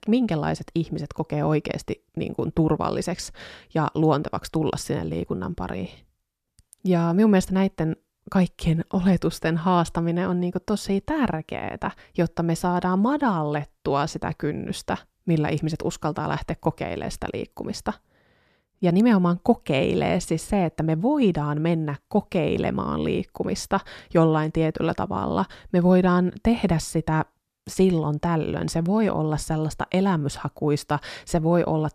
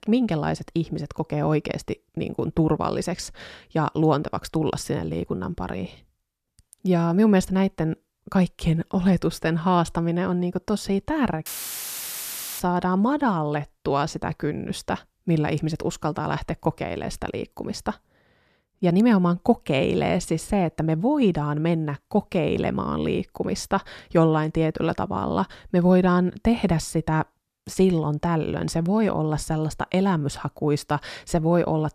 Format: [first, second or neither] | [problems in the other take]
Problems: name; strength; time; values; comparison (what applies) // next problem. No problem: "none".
first | audio cutting out; filled with static; at 11 s for 1 s